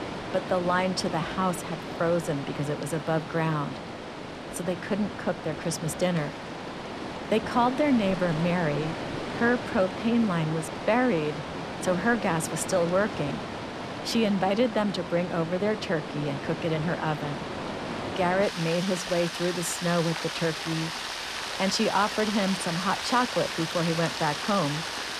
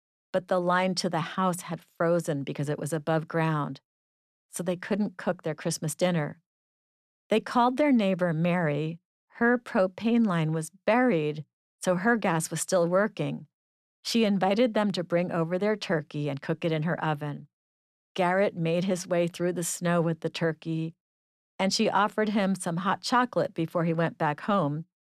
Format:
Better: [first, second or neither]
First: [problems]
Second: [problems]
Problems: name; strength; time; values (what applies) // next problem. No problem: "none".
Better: second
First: rain or running water; loud; throughout; 6 dB below the speech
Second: none